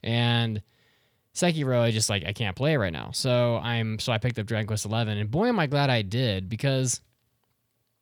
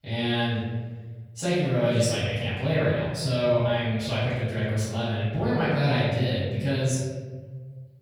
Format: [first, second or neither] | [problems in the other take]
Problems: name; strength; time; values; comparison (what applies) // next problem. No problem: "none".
first | room echo; strong; dies away in 1.5 s // off-mic speech; far